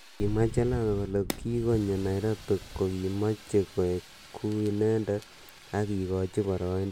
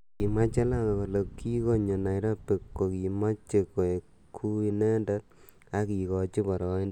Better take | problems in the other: second | background sound (Fire); 19 dB below the speech

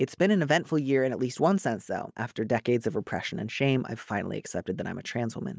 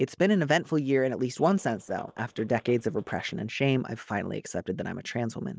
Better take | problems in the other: first | noise reduction (neural separator model SepFormer DNS4)

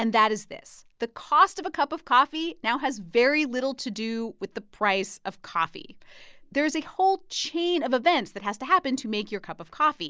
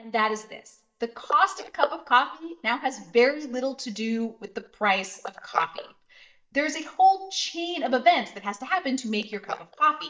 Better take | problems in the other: first | noise reduction (neural mask model DeepFilterNet 3)

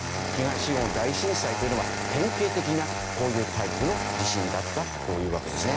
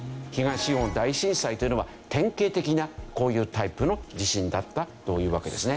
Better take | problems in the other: second | background sound (Engine starting); 1 dB below the speech

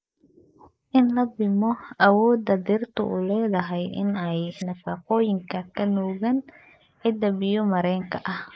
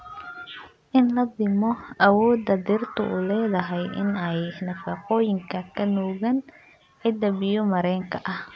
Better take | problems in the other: second | noise reduction (neural mask model Resemble Enhance denoiser)

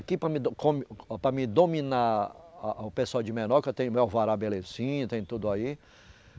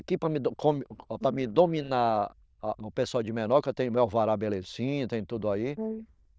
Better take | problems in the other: first | noise reduction (neural diffusion model UNIVERSE++)

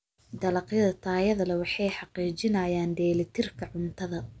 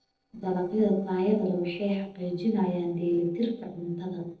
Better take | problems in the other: first | noise reduction (neural separator model SepFormer DNS4)

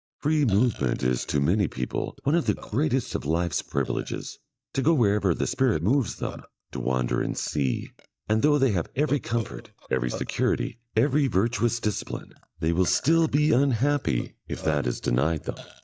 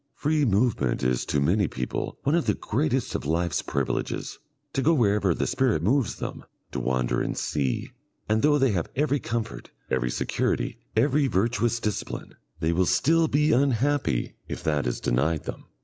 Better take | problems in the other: second | noise reduction (neural mask model DeepFilterNet 3)

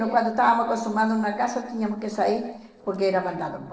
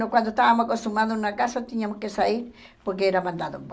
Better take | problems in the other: second | noise reduction (neural separator model SepFormer DNS4)

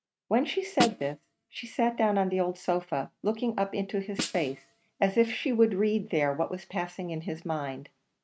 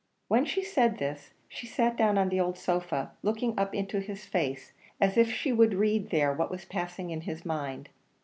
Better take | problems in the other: second | noise reduction (neural mask model RNNoise)

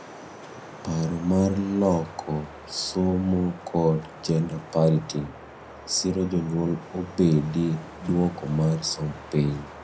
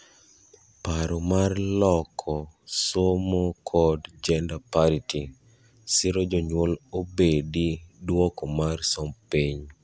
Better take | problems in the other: second | background sound (Wind); 17 dB below the speech // room echo; dies away in 0.2 s

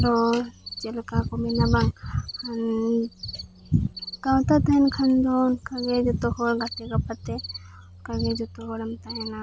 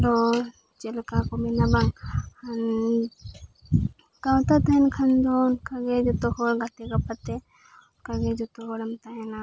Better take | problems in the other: second | background sound (Cricket); 16 dB below the speech

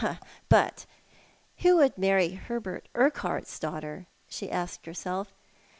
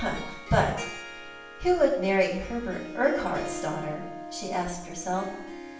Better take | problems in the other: first | background sound (Harp); 11 dB below the speech // room echo; dies away in 0.6 s

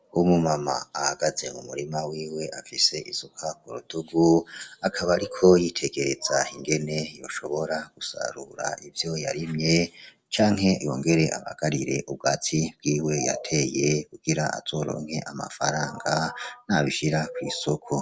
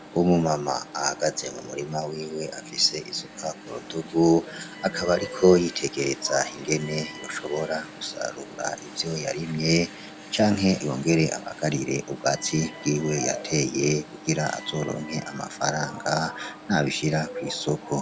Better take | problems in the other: first | background sound (Alarm); 16 dB below the speech

